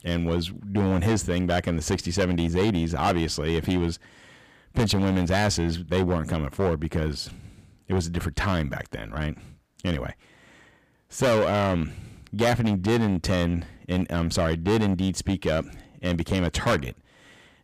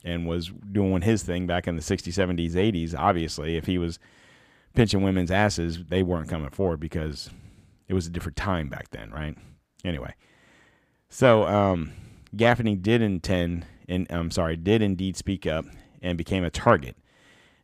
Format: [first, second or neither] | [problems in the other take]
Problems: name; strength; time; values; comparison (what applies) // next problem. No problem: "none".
second | distortion; heavy; 9% of the sound clipped